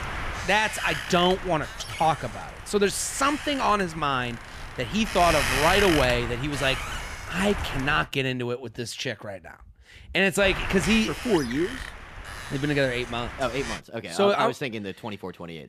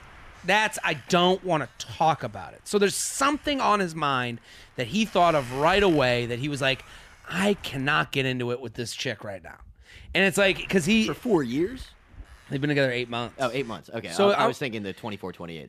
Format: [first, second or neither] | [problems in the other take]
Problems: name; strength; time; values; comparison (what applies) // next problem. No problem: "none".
second | wind noise on the microphone; heavy; until 8 s and from 10 to 14 s; 7 dB below the speech; occasional gusts in the second